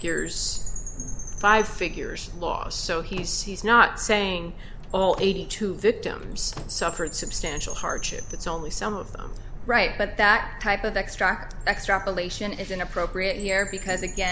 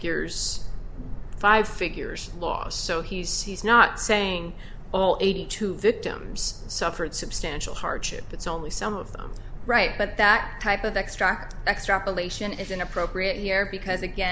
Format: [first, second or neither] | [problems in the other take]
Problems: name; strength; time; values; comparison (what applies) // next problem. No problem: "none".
second | background sound (Chime + Slam / Microwave oven); 18 dB below the speech